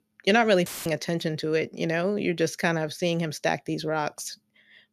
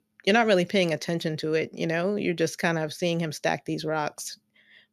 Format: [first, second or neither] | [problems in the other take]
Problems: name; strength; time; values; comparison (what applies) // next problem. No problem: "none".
second | audio cutting out; filled with static; at 0.5 s